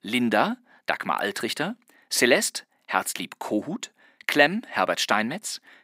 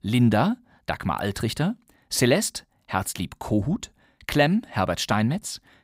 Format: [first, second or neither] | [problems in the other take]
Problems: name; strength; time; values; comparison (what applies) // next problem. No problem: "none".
second | thin; somewhat; fading below 250 Hz